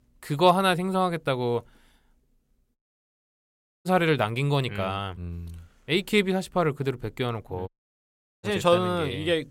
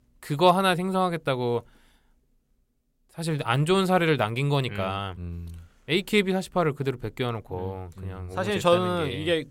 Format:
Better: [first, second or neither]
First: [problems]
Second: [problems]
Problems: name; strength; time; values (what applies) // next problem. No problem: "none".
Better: second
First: audio cutting out; at 3 s for 1 s and at 7.5 s for 1 s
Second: none